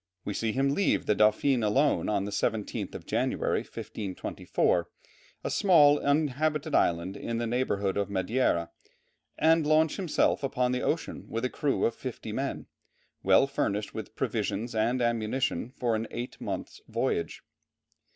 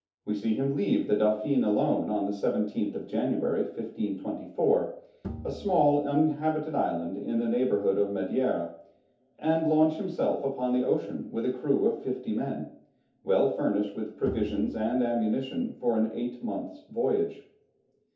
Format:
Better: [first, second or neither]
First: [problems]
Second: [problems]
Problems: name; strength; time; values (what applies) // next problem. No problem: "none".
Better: first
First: none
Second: background sound (Bowed string instrument); 15 dB below the speech // room echo; dies away in 0.5 s